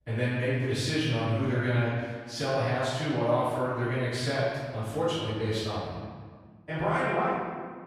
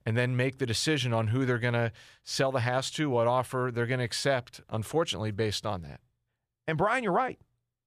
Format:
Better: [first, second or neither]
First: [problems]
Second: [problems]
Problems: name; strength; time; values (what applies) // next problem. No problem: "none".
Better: second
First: room echo; strong; dies away in 1.6 s // off-mic speech; far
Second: none